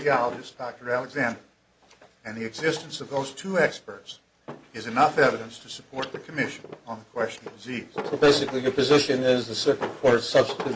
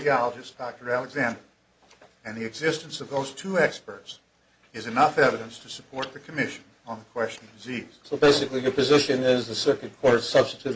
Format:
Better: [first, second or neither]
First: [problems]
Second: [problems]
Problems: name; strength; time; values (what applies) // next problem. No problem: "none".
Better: second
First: background sound (Drawer open or close); 15 dB below the speech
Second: none